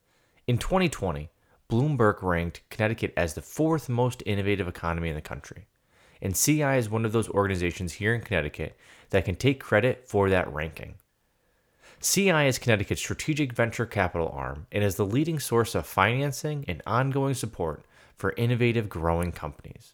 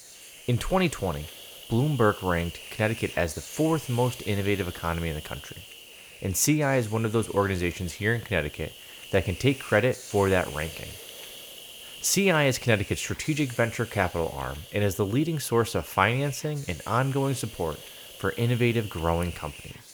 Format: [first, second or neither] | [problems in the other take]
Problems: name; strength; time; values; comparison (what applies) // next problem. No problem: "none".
first | hiss; noticeable; throughout; 15 dB below the speech